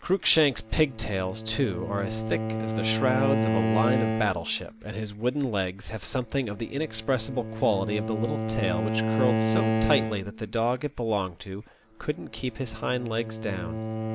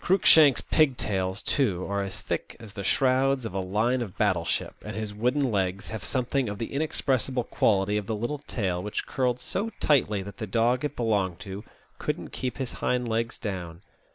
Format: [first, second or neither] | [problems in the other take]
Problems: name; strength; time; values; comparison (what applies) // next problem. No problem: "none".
second | background sound (Bowed string instrument); 2 dB below the speech